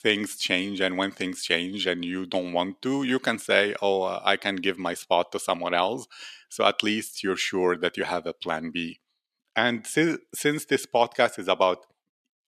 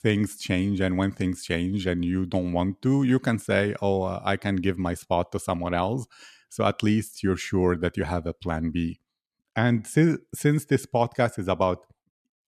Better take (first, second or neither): second